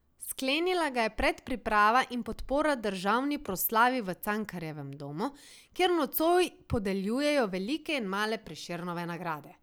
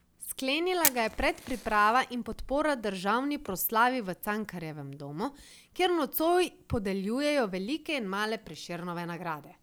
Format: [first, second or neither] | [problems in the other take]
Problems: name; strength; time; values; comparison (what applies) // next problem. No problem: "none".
first | background sound (Fire); 13 dB below the speech